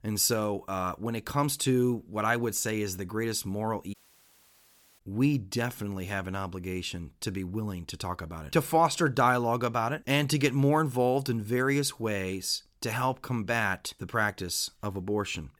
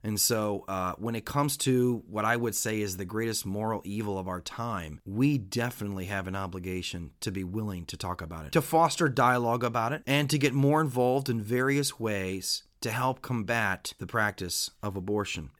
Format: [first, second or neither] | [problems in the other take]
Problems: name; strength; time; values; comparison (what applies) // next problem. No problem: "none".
second | audio cutting out; at 4 s for 1 s